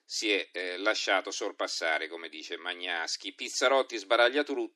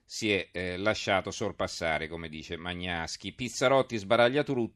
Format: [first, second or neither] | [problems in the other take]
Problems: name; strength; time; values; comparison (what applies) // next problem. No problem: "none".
second | thin; somewhat; fading below 300 Hz